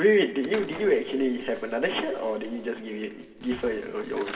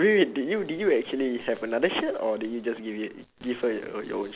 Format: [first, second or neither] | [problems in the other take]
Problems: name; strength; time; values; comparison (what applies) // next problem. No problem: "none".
second | background sound (Slam / Wood); 19 dB below the speech // room echo; dies away in 2.1 s